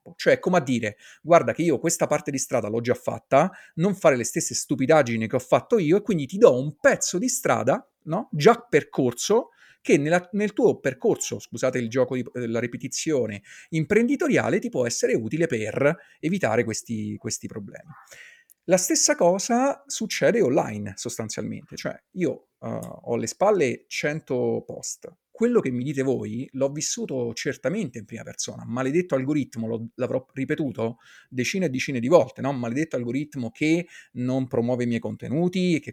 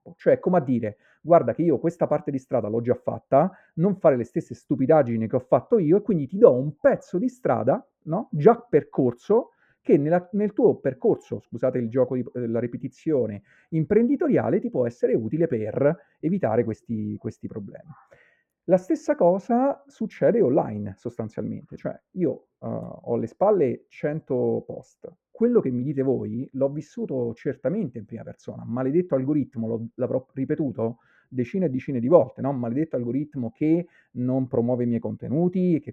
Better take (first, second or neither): first